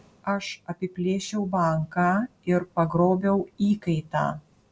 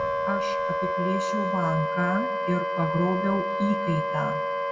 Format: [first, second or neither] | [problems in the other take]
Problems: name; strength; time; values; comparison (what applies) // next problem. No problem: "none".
first | background sound (Wind instrument, woodwind instrument); 1 dB above the speech // room echo; dies away in 0.9 s